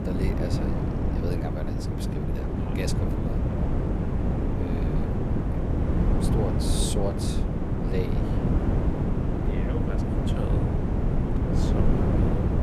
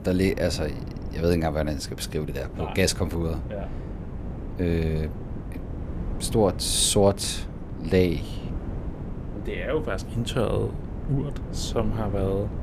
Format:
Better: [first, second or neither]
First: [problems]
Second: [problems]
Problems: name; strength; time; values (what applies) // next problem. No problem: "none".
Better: second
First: wind noise on the microphone; heavy; 4 dB above the speech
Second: wind noise on the microphone; occasional gusts; 15 dB below the speech